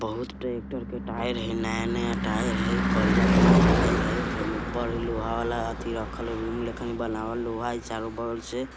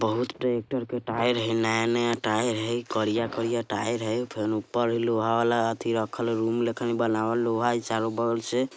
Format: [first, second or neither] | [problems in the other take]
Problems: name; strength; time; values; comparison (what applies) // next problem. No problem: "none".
second | background sound (Car passing by / Engine / Truck); 4 dB above the speech